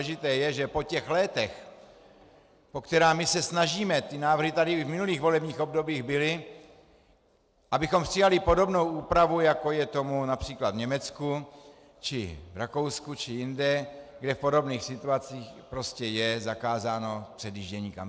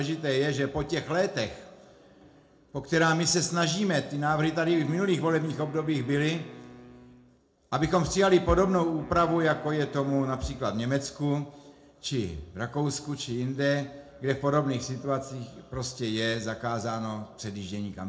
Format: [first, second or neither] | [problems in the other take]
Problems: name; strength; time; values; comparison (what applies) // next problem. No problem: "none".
first | background sound (Wind instrument, woodwind instrument); 19 dB below the speech // room echo; dies away in 0.3 s